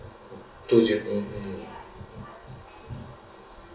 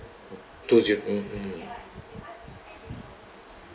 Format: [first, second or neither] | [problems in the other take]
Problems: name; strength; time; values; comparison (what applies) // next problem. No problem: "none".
second | room echo; dies away in 0.3 s